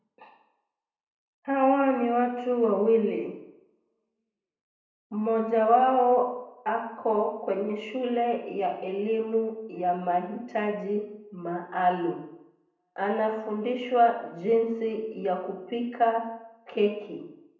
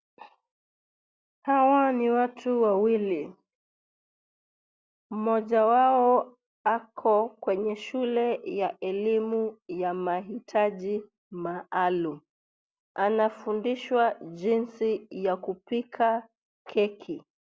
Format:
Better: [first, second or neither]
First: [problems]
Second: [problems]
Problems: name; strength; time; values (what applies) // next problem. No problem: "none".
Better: second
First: room echo; dies away in 0.7 s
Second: none